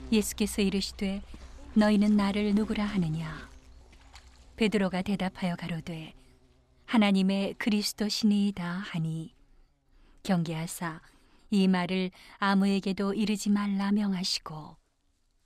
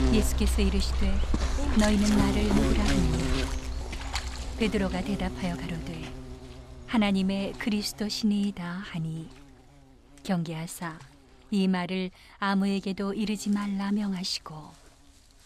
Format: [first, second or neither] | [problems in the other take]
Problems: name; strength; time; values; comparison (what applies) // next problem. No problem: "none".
first | animal sounds; loud; throughout; 2 dB below the speech; faint in the first